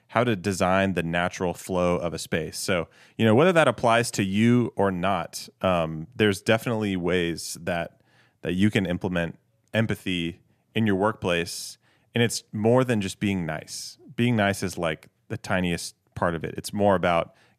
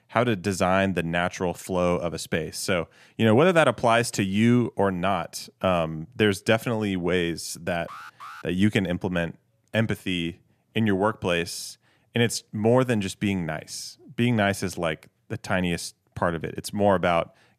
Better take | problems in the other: first | alarm; faint; at 8 s; peak 15 dB below the speech

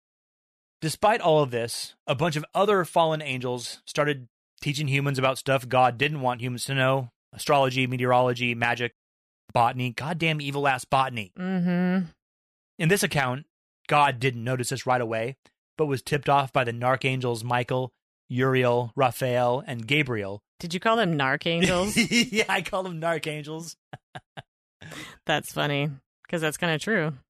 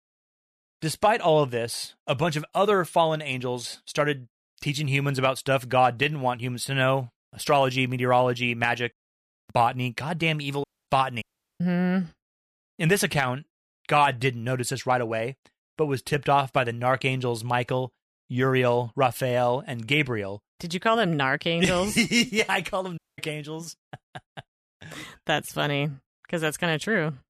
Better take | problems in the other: first | audio cutting out; at 11 s and at 23 s

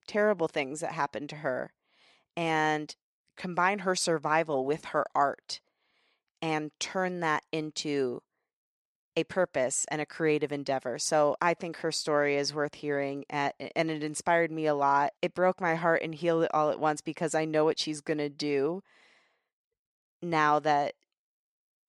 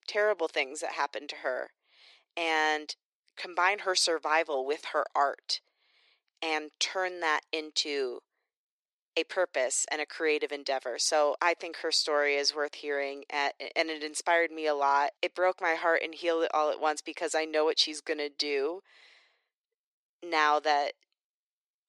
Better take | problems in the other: first | thin; somewhat; fading below 350 Hz

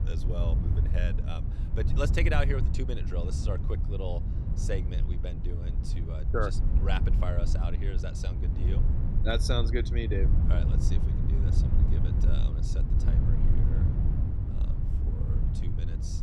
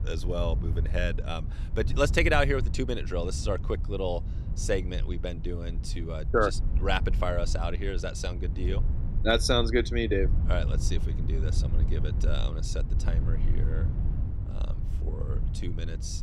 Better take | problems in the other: second | wind noise on the microphone; heavy; 6 dB below the speech; occasional gusts in the second

